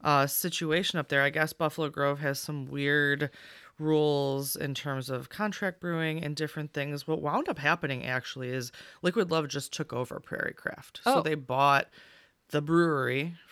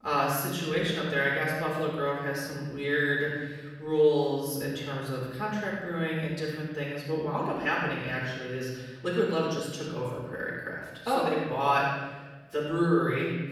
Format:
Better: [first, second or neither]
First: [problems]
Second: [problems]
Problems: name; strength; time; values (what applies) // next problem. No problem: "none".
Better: first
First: none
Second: off-mic speech; far // room echo; strong; dies away in 1.3 s